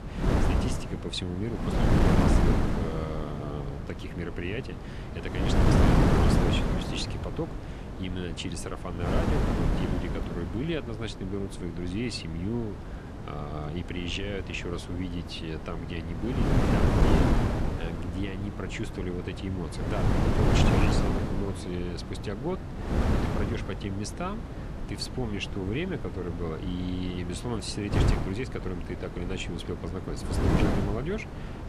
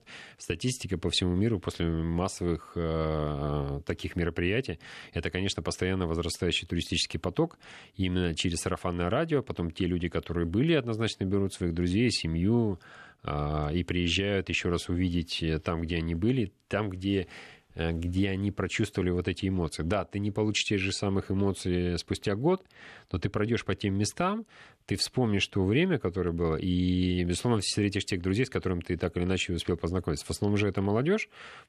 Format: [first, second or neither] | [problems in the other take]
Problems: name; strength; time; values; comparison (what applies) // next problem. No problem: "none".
second | wind noise on the microphone; heavy; 3 dB above the speech